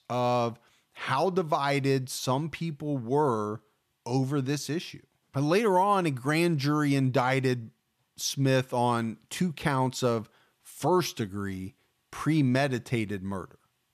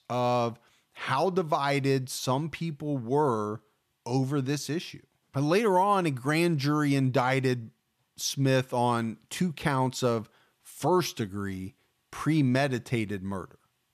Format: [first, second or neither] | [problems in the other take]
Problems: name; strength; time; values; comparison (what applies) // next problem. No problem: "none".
neither | none